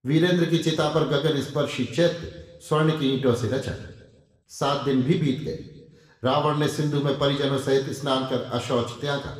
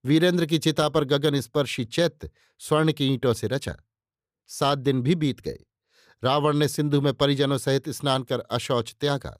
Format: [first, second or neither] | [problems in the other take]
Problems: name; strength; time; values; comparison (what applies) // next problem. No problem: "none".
second | room echo; noticeable; dies away in 1 s // off-mic speech; far